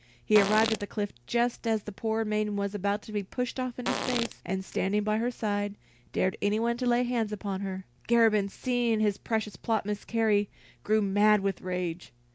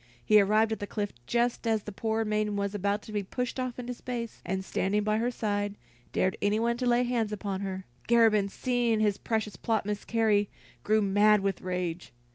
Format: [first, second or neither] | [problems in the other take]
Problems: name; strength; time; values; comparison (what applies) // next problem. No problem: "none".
second | background sound (Fart); 6 dB below the speech